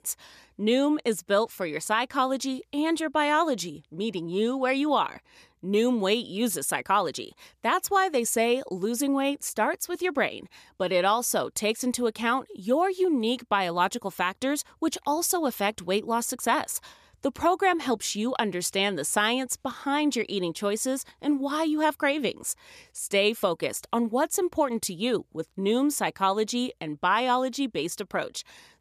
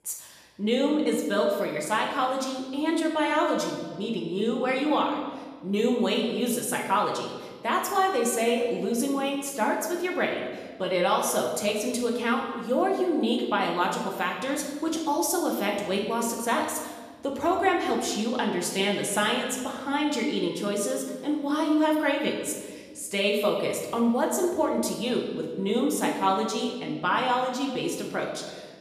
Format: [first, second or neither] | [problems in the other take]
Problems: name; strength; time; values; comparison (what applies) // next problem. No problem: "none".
first | room echo; noticeable; dies away in 1.3 s // off-mic speech; somewhat distant